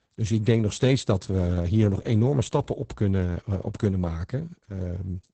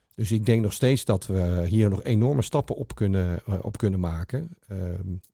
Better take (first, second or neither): second